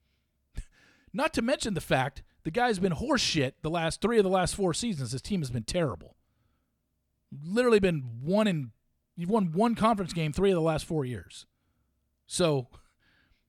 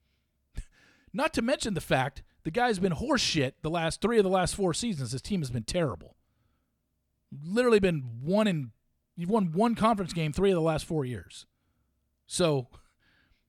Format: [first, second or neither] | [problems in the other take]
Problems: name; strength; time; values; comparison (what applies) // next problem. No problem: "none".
neither | none